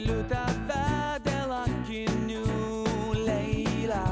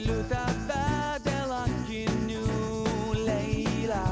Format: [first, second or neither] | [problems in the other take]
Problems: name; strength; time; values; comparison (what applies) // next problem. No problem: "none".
first | background sound (Thunder / Cricket); 15 dB below the speech